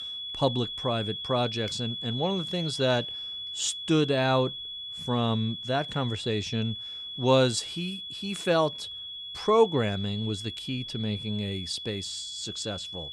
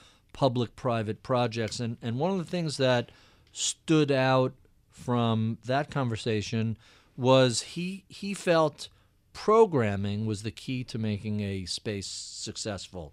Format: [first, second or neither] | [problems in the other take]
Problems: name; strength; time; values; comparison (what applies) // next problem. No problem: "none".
second | high-pitched whine; loud; throughout; 3.5 kHz, 6 dB below the speech